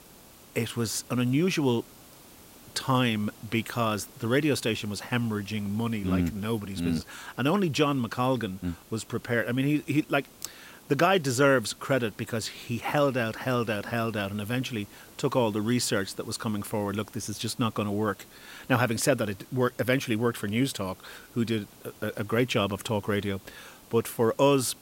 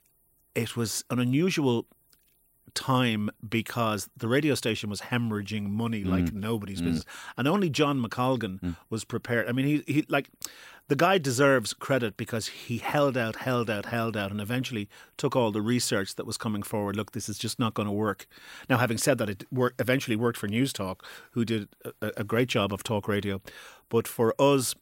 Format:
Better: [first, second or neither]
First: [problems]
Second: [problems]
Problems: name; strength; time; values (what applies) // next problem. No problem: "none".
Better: second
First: hiss; faint; throughout; 25 dB below the speech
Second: none